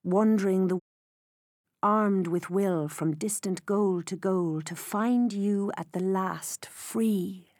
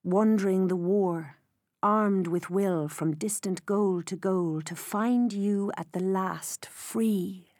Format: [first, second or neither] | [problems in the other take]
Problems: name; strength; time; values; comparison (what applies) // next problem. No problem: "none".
second | audio cutting out; at 1 s for 1 s